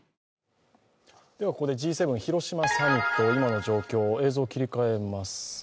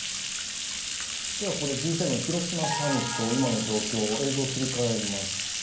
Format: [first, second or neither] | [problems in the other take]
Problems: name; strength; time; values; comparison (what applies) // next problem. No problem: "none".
first | background sound (Bathtub (filling or washing)); 2 dB below the speech // room echo; dies away in 0.6 s